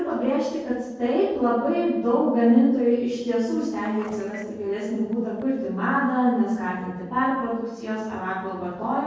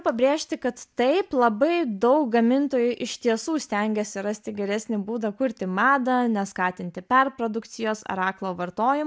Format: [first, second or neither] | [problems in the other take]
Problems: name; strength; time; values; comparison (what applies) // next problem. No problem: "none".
second | noise reduction (neural separator model SepFormer DNS4)